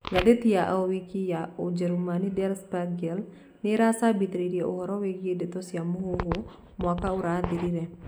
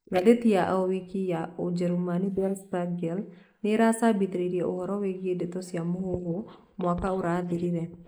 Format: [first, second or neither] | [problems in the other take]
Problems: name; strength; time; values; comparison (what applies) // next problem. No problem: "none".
first | noise reduction (neural mask model Resemble Enhance denoiser)